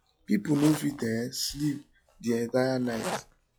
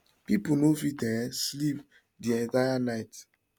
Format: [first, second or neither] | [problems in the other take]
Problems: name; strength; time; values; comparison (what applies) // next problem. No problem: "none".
second | noise reduction (classical method log-MMSE)